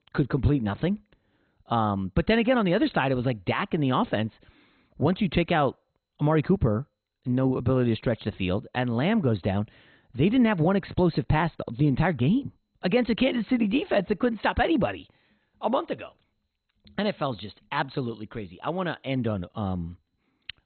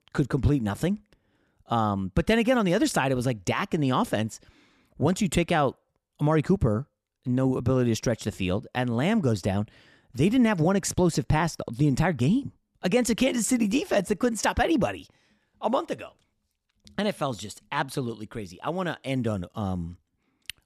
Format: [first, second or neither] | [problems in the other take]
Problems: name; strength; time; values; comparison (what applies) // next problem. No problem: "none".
second | garbled, watery; badly; nothing above 4 kHz